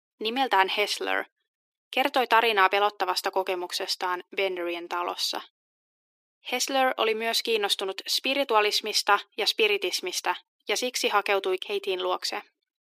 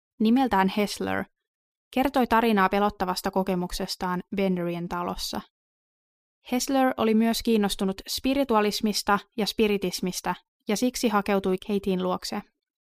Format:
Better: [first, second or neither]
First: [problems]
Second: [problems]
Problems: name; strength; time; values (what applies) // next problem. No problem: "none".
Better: second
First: thin; very; fading below 300 Hz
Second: none